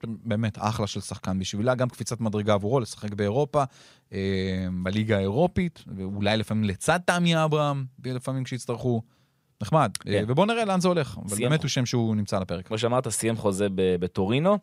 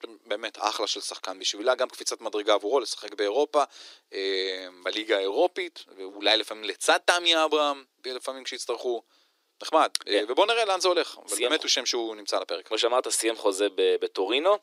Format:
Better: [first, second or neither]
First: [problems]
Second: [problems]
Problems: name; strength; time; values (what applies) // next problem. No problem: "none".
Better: first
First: none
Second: thin; very; fading below 300 Hz